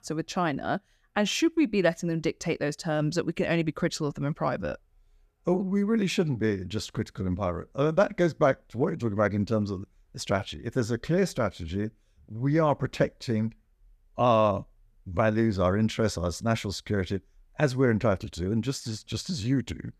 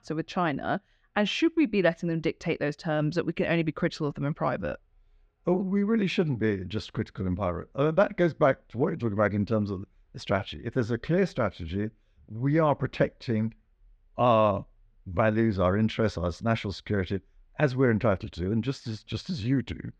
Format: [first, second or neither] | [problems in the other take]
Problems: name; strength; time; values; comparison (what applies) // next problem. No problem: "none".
first | muffled; very slightly; fading above 3 kHz